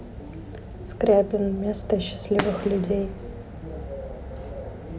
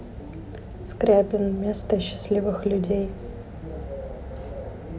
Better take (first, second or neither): second